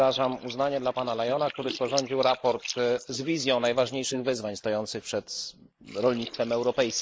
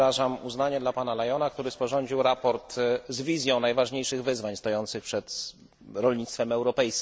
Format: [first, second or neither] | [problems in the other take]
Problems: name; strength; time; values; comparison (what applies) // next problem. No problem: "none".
second | noise reduction (neural mask model Resemble Enhance denoiser)